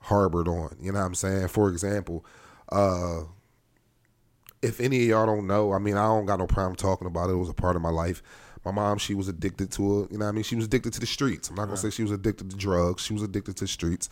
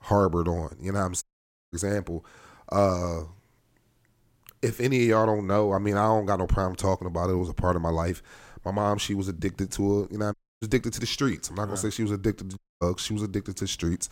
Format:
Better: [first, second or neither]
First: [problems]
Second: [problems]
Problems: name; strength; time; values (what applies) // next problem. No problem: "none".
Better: first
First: none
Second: audio cutting out; at 1 s for 0.5 s, at 10 s and at 13 s